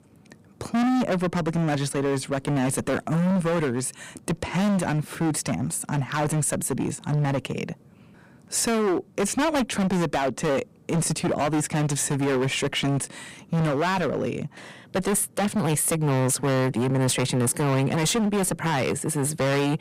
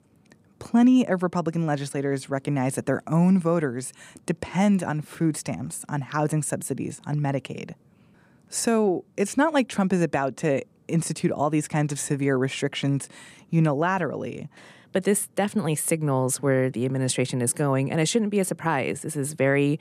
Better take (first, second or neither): second